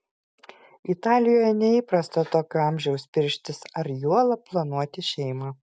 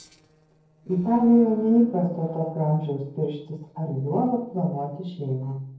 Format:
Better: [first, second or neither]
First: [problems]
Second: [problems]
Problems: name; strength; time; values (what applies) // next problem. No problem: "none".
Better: first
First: none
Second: noise reduction (neural separator model SepFormer DNS4)